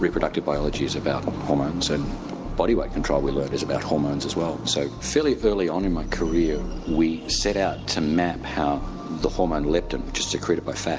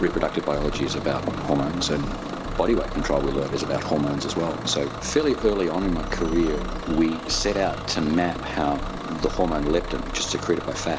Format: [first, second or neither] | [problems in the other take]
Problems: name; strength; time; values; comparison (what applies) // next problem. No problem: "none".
first | background sound (Bus / Engine); 11 dB below the speech